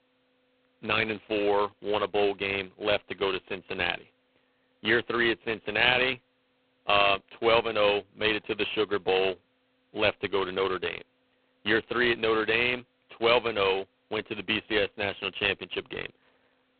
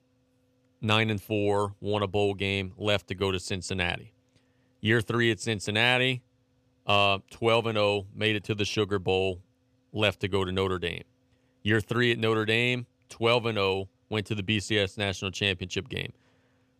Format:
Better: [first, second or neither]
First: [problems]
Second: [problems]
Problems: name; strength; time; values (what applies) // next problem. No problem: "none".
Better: second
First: phone-call audio; poor line; nothing above 3.5 kHz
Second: none